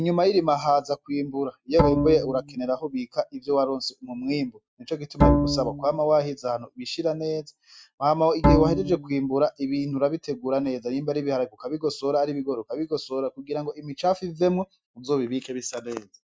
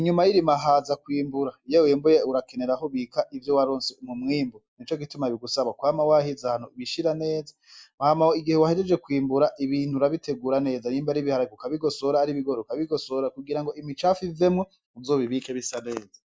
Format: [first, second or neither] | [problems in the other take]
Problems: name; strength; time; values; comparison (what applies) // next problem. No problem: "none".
second | noise reduction (neural mask model RNNoise)